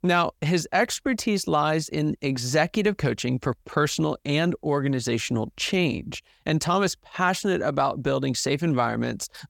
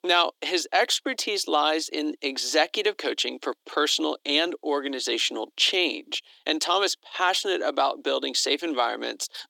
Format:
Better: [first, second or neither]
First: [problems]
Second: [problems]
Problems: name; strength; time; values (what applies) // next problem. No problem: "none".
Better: first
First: none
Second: thin; somewhat; fading below 300 Hz